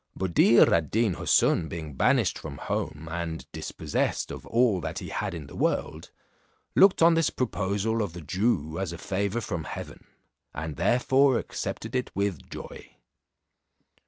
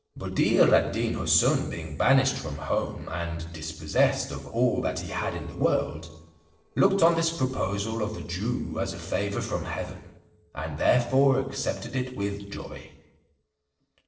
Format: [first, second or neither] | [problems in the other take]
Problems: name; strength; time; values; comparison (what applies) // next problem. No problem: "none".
first | noise reduction (neural separator model SepFormer DNS4)